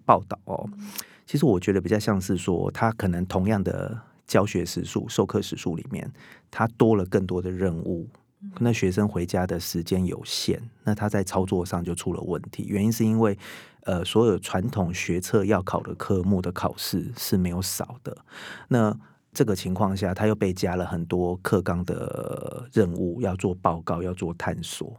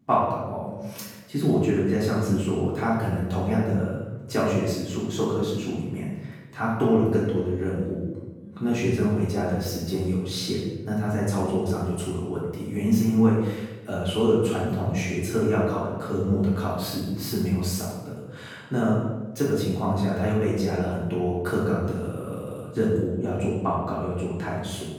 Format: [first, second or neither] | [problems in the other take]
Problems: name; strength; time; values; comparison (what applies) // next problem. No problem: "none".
first | off-mic speech; far // room echo; noticeable; dies away in 0.9 s